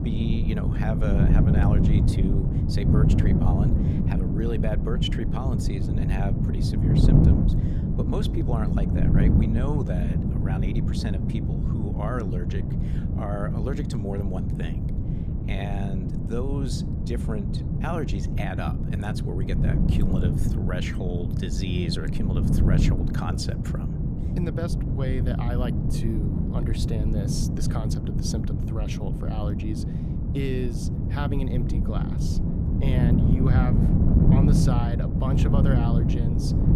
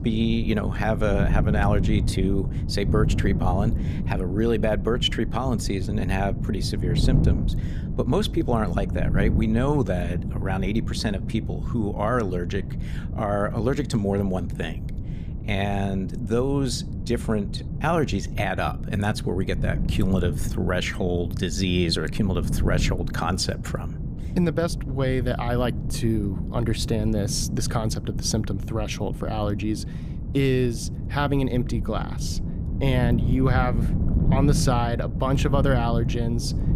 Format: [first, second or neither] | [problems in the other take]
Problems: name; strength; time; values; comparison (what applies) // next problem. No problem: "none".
second | wind noise on the microphone; heavy; 1 dB above the speech; occasional gusts in the second